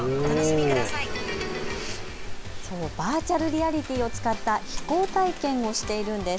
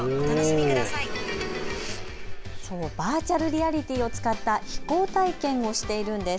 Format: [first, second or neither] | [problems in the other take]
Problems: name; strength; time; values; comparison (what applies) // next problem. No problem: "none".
second | background sound (Knock + Rain); 16 dB below the speech